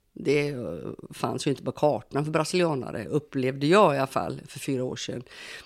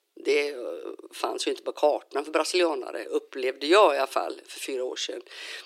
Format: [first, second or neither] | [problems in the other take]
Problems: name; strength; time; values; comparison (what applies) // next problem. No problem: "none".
first | thin; very; fading below 350 Hz